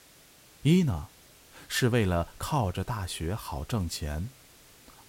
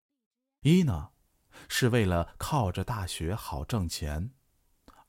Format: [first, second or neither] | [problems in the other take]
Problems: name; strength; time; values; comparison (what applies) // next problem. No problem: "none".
second | hiss; faint; throughout; 25 dB below the speech